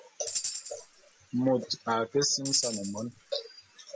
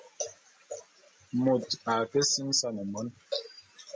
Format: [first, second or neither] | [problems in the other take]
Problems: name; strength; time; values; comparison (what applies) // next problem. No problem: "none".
second | background sound (Tambourine); 7 dB below the speech